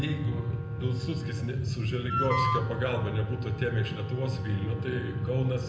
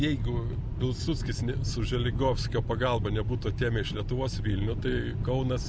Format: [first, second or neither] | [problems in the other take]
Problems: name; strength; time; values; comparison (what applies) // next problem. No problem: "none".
second | background sound (Wind instrument, woodwind instrument); 8 dB below the speech // room echo; dies away in 0.8 s